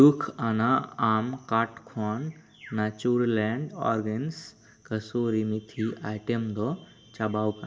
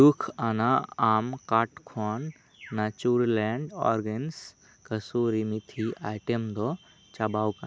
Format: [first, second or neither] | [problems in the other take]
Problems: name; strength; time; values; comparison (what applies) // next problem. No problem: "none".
second | room echo; dies away in 1 s